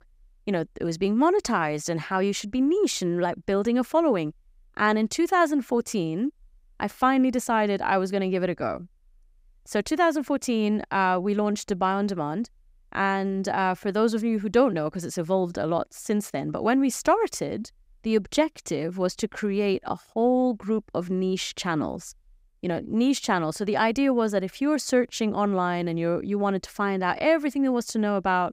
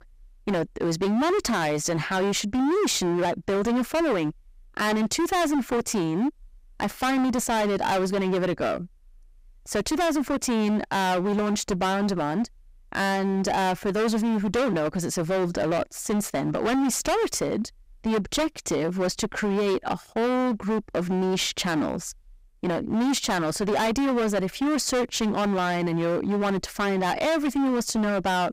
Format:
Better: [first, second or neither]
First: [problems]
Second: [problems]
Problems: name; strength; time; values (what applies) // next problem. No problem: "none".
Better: first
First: none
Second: distortion; heavy; 26% of the sound clipped